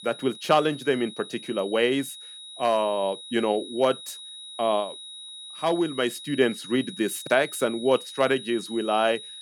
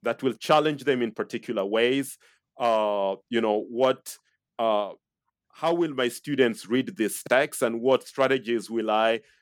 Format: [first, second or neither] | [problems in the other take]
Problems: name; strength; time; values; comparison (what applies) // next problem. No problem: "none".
second | high-pitched whine; noticeable; throughout; 4 kHz, 15 dB below the speech